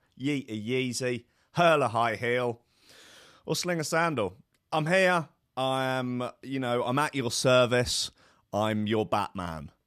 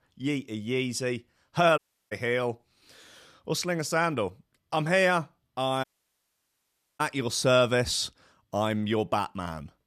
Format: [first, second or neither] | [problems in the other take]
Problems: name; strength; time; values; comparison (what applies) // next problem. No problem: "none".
first | audio cutting out; at 2 s and at 6 s for 1 s